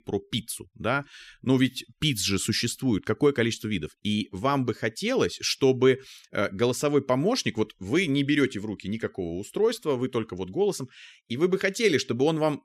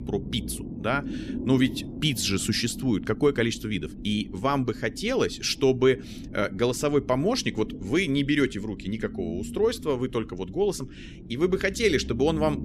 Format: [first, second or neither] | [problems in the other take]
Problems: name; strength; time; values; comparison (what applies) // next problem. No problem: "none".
first | low rumble; noticeable; throughout; 15 dB below the speech